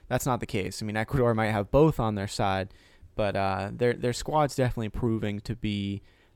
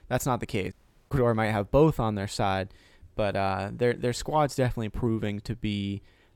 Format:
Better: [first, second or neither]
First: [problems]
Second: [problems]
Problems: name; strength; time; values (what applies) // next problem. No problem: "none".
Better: first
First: none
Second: audio cutting out; at 0.5 s